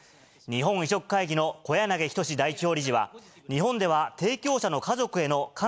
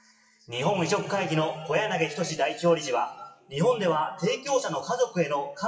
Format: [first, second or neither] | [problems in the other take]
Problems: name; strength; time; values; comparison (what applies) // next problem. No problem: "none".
first | noise reduction (classical method WPE with log-MMSE)